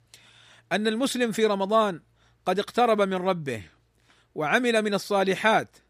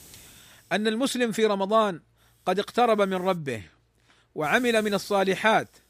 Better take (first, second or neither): first